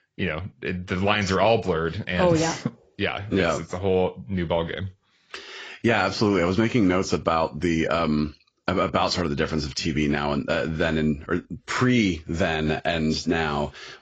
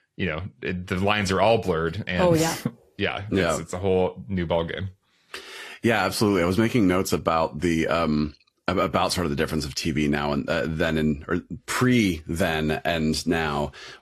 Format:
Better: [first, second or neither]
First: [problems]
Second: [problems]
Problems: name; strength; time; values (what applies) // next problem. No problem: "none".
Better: second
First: garbled, watery; badly; nothing above 7.5 kHz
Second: garbled, watery; slightly; nothing above 14.5 kHz